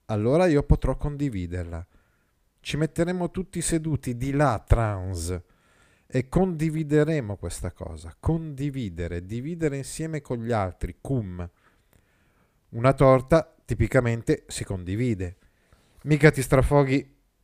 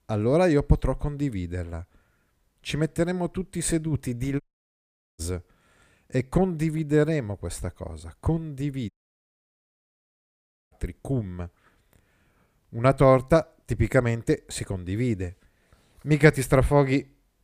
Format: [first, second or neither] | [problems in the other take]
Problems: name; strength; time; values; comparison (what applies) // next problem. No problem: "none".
first | audio cutting out; at 4.5 s for 1 s and at 9 s for 2 s